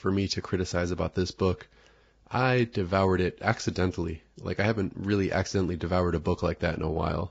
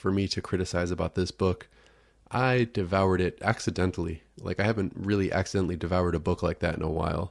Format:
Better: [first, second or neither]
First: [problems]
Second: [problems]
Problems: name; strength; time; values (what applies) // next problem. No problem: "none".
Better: second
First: garbled, watery; badly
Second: garbled, watery; slightly; nothing above 10.5 kHz